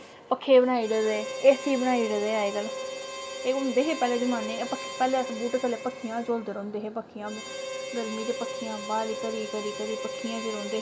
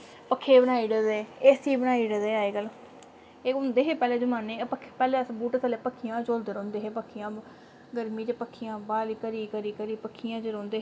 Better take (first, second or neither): second